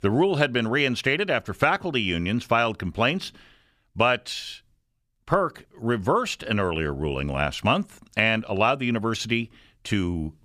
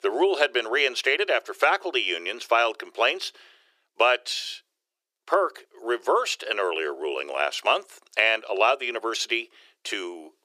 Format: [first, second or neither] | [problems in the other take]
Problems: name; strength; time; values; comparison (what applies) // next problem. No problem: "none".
first | thin; very; fading below 350 Hz